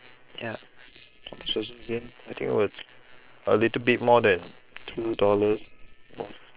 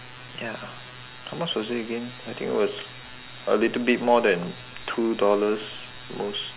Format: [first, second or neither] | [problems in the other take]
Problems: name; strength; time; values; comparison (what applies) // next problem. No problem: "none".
second | noise reduction (neural separator model SepFormer WHAM!)